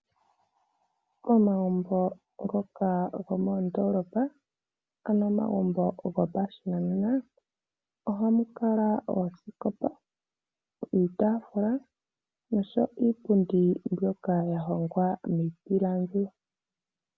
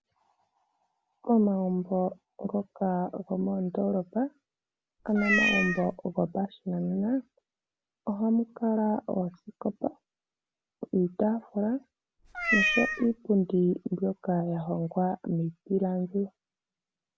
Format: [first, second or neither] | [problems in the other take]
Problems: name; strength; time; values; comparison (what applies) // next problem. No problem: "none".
first | background sound (Meow); 1 dB above the speech